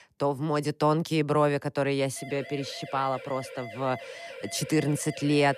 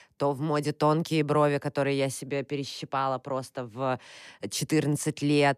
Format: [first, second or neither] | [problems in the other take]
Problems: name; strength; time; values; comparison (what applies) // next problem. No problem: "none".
second | siren; faint; from 2 s on; peak 15 dB below the speech